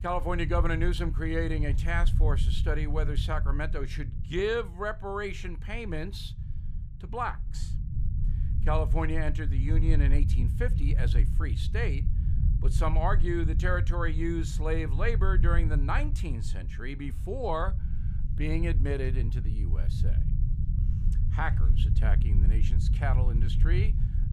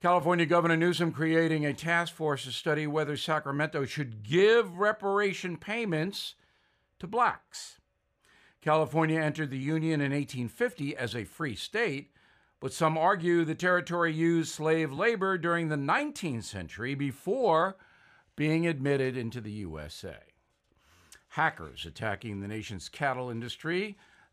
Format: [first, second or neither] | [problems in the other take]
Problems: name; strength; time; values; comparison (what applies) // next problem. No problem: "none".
second | low rumble; noticeable; throughout; 10 dB below the speech